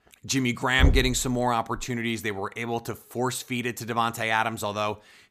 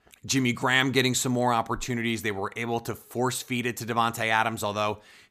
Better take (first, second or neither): second